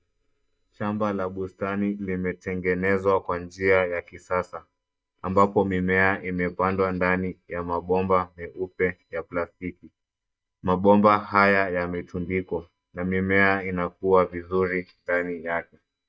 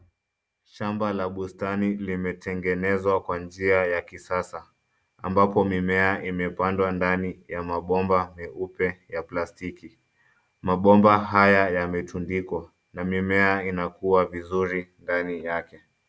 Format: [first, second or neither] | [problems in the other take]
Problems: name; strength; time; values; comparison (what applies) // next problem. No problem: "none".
second | noise reduction (neural mask model DeepFilterNet 3)